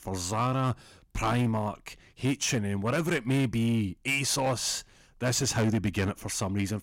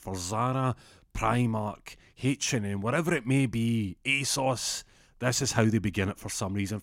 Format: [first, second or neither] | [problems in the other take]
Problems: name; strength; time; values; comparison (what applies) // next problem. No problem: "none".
second | distortion; slight; 8% of the sound clipped